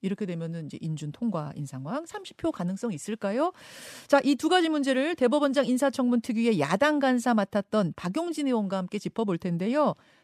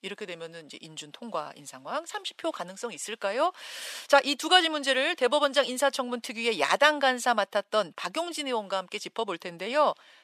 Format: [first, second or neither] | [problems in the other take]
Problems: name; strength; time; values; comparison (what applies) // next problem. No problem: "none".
first | thin; somewhat; fading below 650 Hz